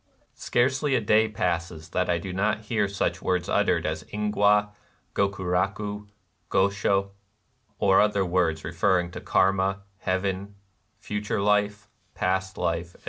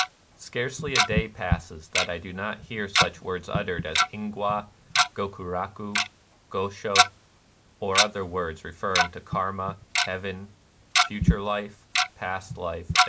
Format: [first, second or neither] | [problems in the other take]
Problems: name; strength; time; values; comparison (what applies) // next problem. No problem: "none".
first | background sound (Tick-tock); 4 dB above the speech